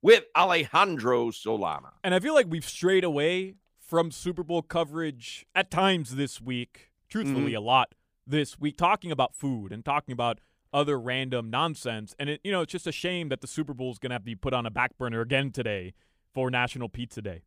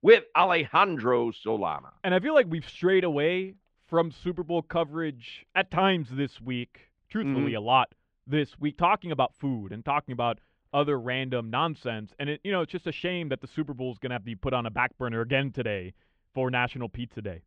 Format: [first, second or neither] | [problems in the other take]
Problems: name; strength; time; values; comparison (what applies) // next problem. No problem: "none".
first | muffled; slightly; fading above 3 kHz